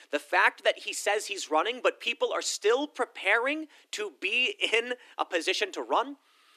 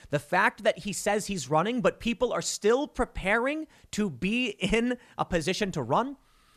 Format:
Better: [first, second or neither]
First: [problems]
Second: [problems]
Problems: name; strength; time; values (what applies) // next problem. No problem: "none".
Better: second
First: thin; somewhat; fading below 300 Hz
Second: none